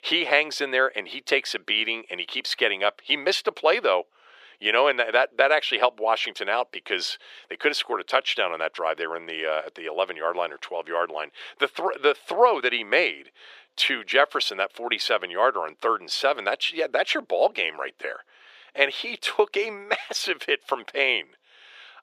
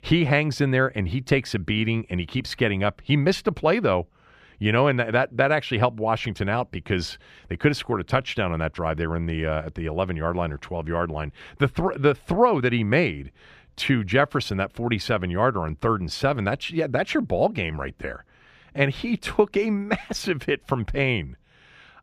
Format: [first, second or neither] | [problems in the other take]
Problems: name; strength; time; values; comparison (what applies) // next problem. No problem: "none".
second | thin; very; fading below 450 Hz